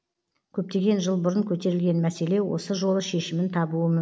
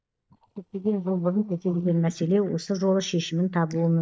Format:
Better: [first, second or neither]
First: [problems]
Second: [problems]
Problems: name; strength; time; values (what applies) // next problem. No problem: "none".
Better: first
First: none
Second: noise reduction (neural mask model DeepFilterNet 3)